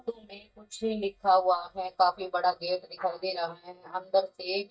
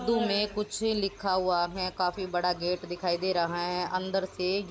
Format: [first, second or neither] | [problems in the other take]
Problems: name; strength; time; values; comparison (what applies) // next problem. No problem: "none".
second | noise reduction (neural mask model DeepFilterNet 3)